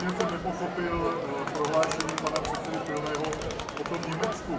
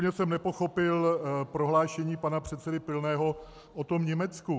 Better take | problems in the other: second | background sound (Crowd); 1 dB below the speech // room echo; dies away in 0.7 s

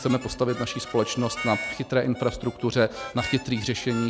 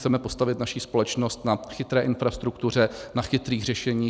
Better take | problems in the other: second | background sound (Harmonica); 11 dB below the speech

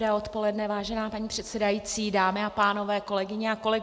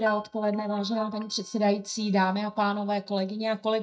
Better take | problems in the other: first | noise reduction (neural mask model DeepFilterNet 3)

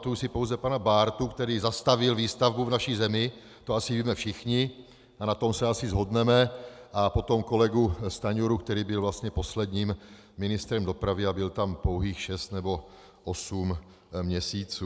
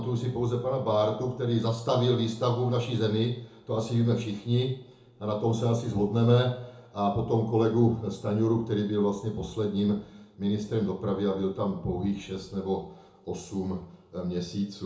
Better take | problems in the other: first | room echo; dies away in 0.7 s

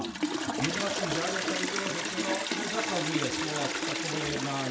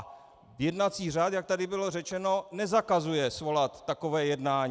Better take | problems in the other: second | background sound (Toilet flush); 4 dB above the speech // room echo; dies away in 0.3 s

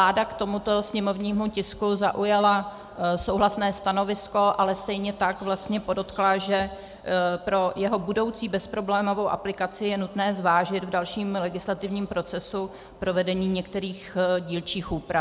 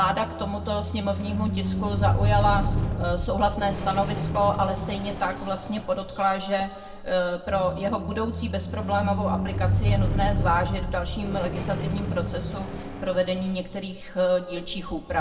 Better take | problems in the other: first | background sound (Squeak); 1 dB below the speech // room echo; dies away in 1.5 s

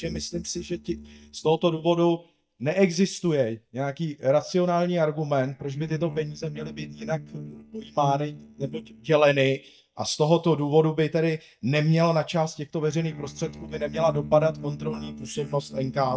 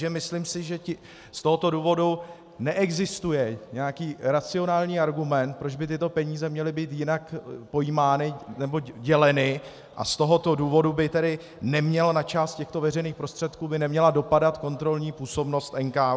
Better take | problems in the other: second | noise reduction (neural mask model DeepFilterNet 3)

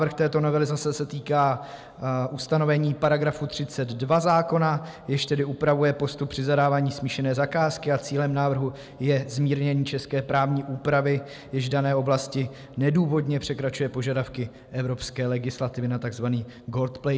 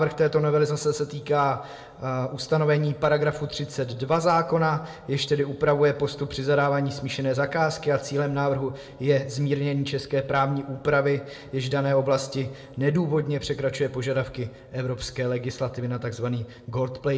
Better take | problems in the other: first | room echo; dies away in 0.4 s

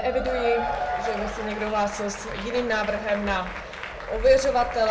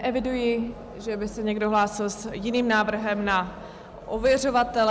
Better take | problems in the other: second | background sound (Applause / Crowd / Cheering); 7 dB below the speech // room echo; dies away in 0.2 s

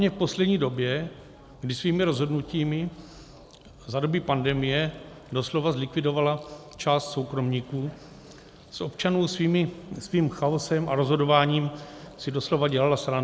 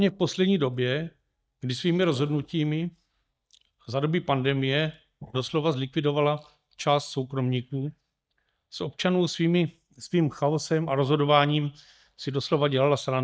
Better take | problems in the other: first | noise reduction (neural mask model DeepFilterNet 3)

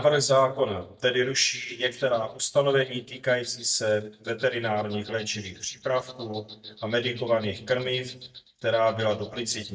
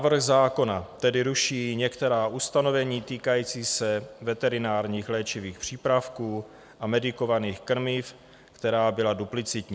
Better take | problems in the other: second | noise reduction (neural mask model DeepFilterNet 3)

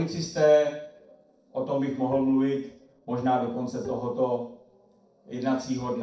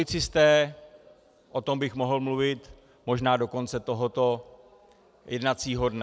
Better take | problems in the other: second | noise reduction (neural separator model SepFormer DNS4)

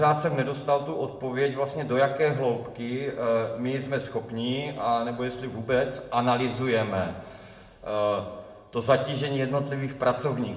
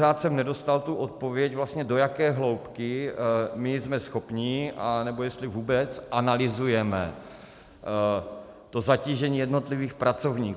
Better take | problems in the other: second | room echo; dies away in 0.6 s

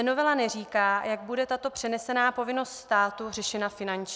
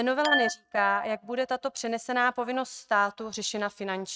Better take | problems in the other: first | noise reduction (neural mask model RNNoise)

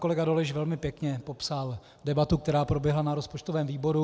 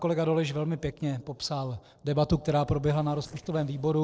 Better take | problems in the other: first | noise reduction (neural separator model SepFormer DNS4)

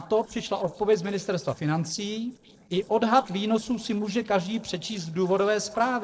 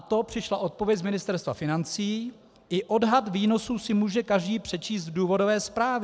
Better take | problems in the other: second | noise reduction (neural separator model SepFormer DNS4)

